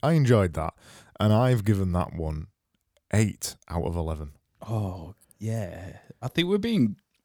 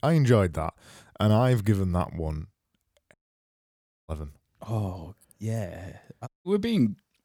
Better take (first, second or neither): first